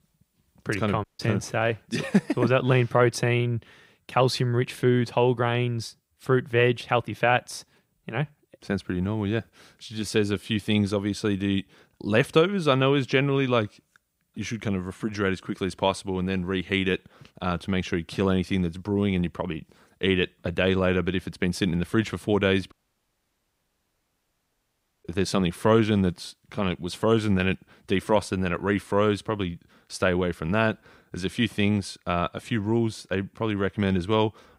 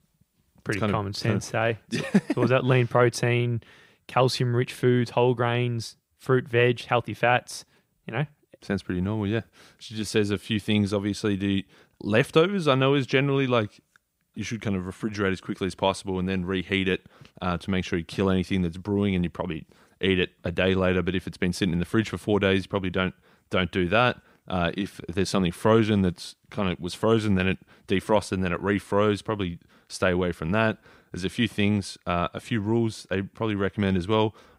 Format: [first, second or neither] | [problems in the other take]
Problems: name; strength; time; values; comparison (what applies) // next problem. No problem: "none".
second | audio cutting out; at 1 s and at 23 s for 2.5 s